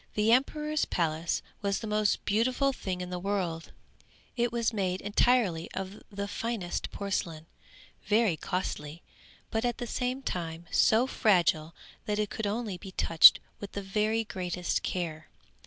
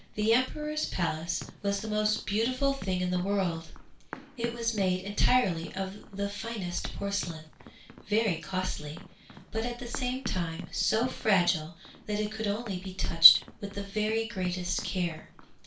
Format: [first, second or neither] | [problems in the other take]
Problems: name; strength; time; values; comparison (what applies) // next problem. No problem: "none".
first | background sound (Run); 17 dB below the speech // room echo; dies away in 0.3 s